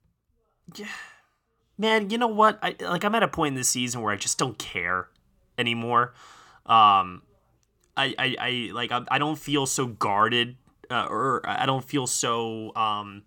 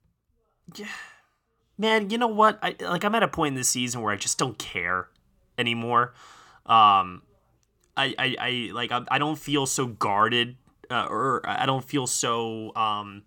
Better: neither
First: none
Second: none

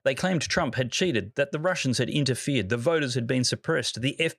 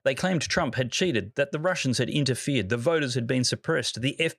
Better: neither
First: none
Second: none

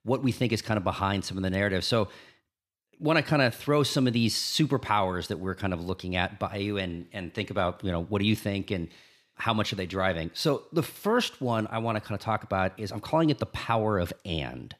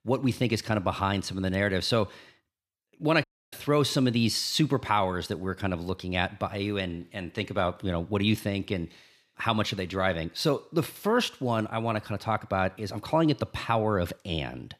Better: first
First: none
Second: audio cutting out; at 3 s

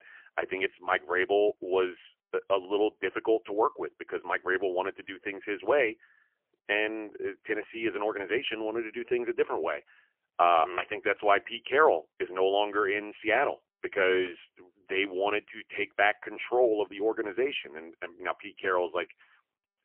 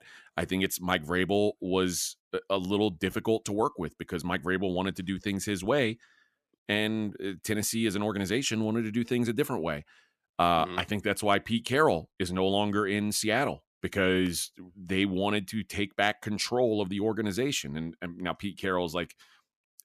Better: second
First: phone-call audio; poor line; nothing above 3 kHz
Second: none

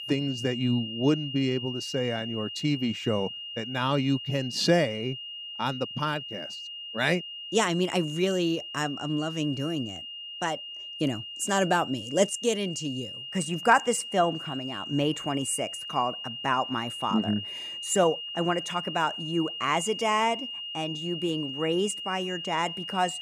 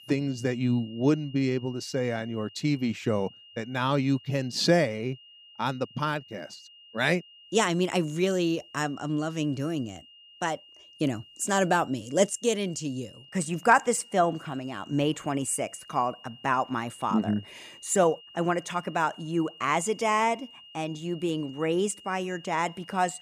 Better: second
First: high-pitched whine; loud; throughout; 3 kHz, 7 dB below the speech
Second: high-pitched whine; faint; throughout; 3 kHz, 20 dB below the speech

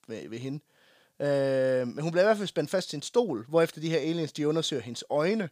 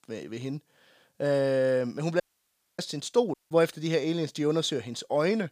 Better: first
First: none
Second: audio cutting out; at 2 s for 0.5 s and at 3.5 s

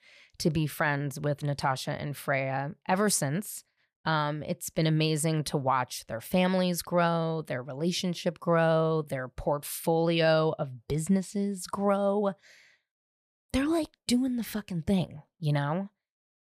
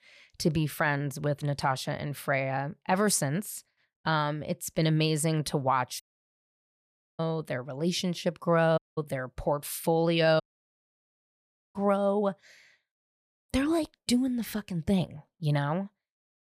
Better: first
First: none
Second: audio cutting out; at 6 s for 1 s, at 9 s and at 10 s for 1.5 s

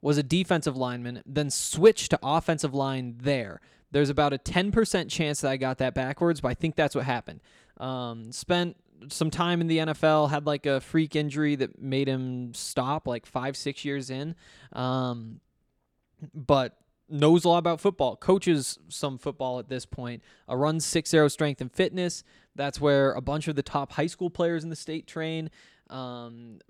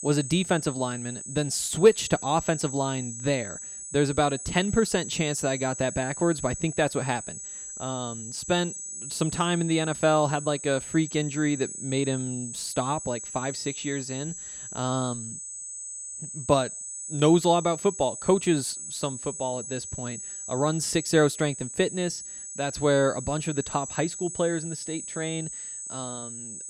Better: first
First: none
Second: high-pitched whine; loud; throughout; 8 kHz, 8 dB below the speech

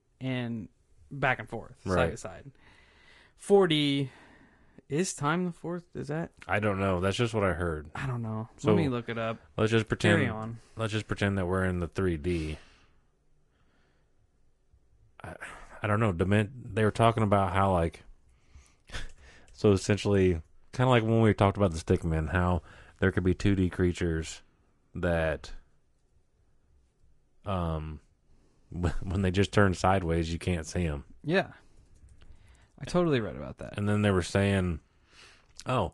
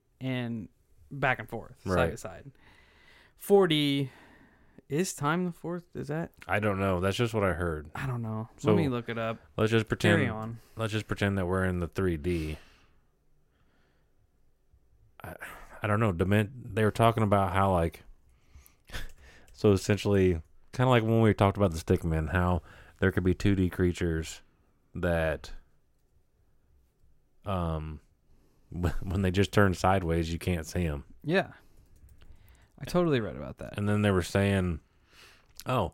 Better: second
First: garbled, watery; slightly; nothing above 10.5 kHz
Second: none

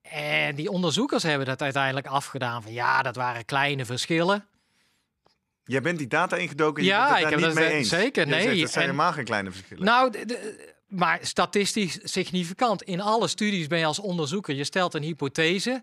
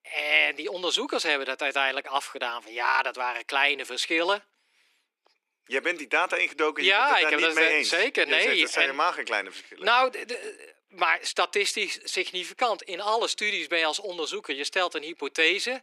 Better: first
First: none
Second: thin; somewhat; fading below 300 Hz

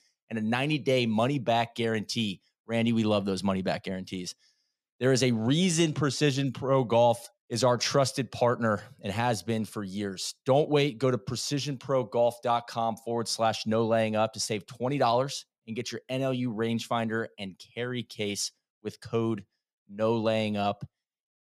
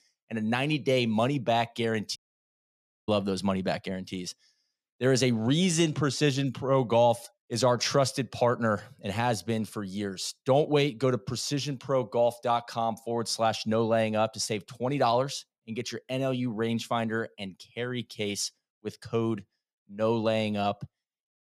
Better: first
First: none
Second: audio cutting out; at 2 s for 1 s

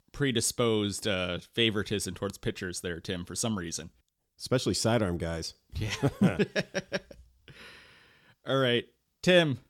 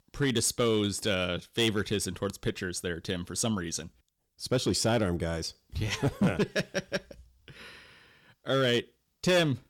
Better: first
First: none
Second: distortion; slight; 3% of the sound clipped

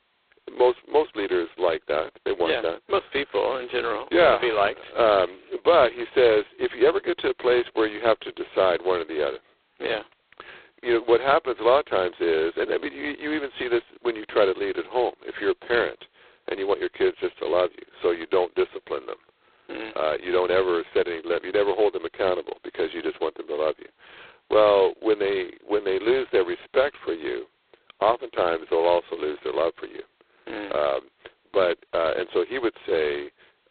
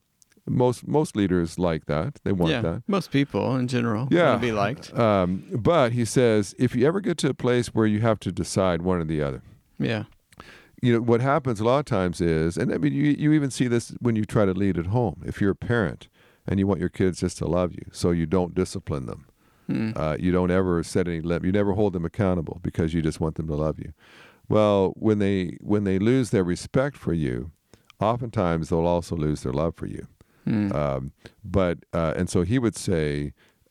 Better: second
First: phone-call audio; poor line; nothing above 4 kHz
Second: none

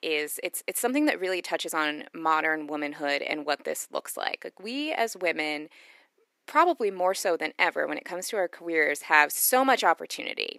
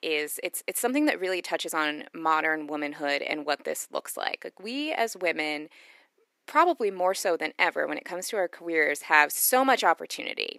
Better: neither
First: thin; somewhat; fading below 350 Hz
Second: thin; somewhat; fading below 350 Hz

